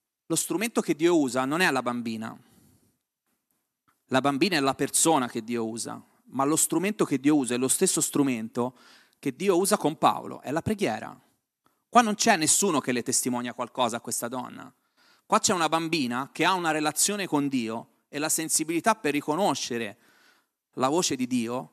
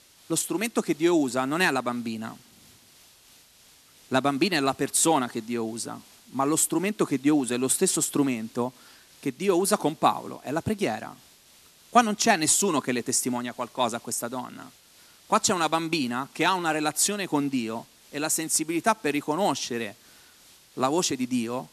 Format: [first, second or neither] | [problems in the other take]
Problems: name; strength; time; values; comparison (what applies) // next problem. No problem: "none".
first | hiss; faint; throughout; 25 dB below the speech